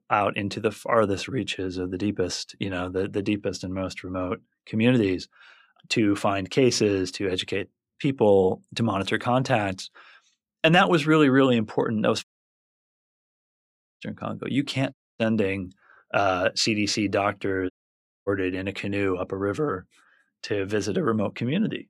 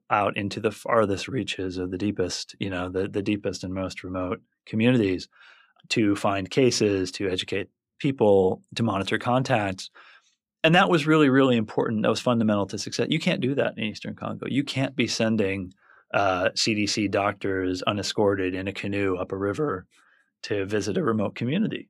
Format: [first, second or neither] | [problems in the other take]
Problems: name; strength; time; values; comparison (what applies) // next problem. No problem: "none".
second | audio cutting out; at 12 s for 2 s, at 15 s and at 18 s for 0.5 s